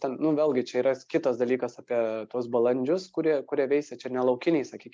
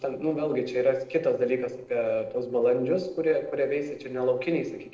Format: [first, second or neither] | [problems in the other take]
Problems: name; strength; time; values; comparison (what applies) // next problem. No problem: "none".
first | noise reduction (neural separator model SepFormer DNS4)